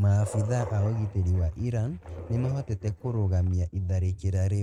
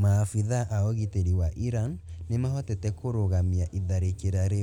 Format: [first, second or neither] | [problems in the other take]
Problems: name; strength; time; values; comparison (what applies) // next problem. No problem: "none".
second | noise reduction (neural mask model RNNoise)